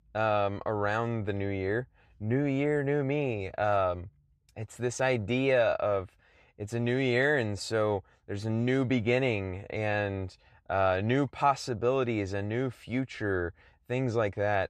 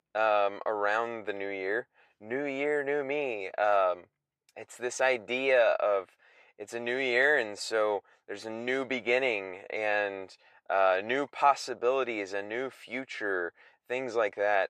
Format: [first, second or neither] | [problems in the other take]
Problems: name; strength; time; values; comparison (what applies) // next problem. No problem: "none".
first | thin; somewhat; fading below 500 Hz